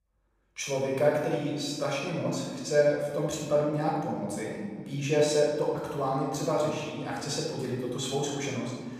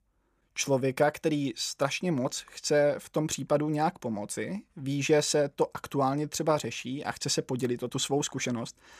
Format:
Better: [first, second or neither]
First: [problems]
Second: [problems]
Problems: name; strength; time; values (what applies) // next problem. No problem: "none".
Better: second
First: off-mic speech; far // room echo; noticeable; dies away in 1.4 s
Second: none